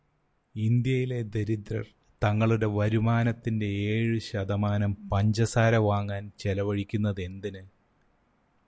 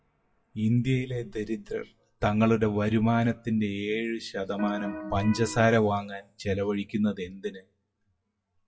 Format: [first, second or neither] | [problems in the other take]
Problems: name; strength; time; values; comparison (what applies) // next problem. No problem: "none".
first | noise reduction (classical method WPE with log-MMSE)